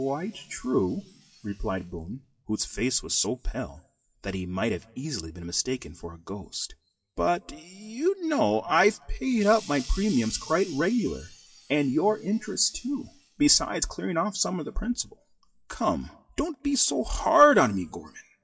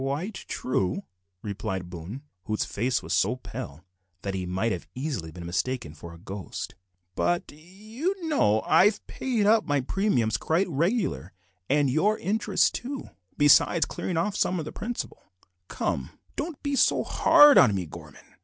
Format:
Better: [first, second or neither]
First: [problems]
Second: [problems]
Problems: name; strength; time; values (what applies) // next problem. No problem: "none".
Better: second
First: noise reduction (classical method WPE with log-MMSE)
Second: none